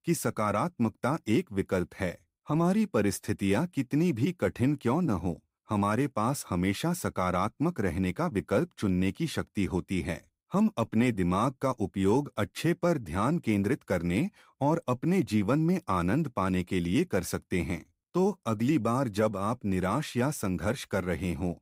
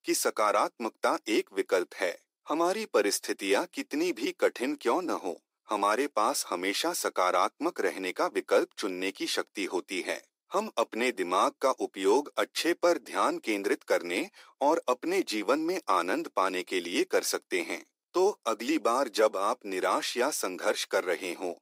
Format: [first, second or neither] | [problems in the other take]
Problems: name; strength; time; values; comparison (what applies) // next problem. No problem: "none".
first | thin; very; fading below 350 Hz